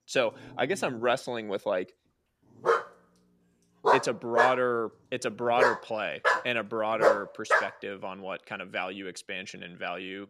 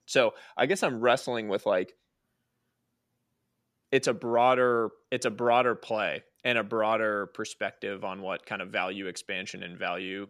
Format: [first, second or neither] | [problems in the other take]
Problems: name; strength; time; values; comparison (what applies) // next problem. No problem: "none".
second | dog barking; loud; from 2.5 to 7.5 s; peak 5 dB above the speech